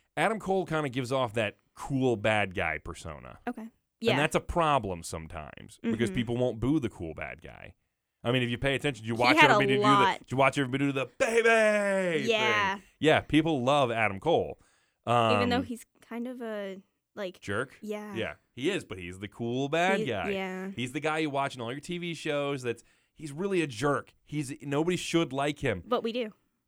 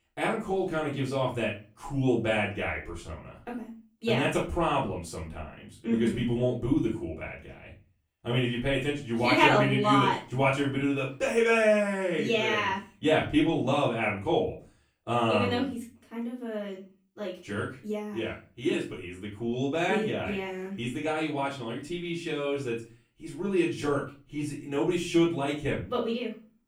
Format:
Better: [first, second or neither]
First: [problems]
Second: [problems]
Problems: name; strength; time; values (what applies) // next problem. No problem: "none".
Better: first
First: none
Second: off-mic speech; far // room echo; slight; dies away in 0.3 s